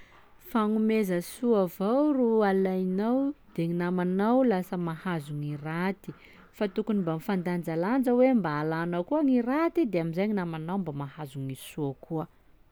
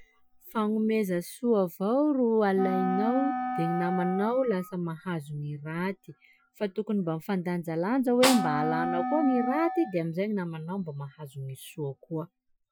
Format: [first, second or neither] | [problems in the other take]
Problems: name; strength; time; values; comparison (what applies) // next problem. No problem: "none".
first | noise reduction (classical method Wiener filter)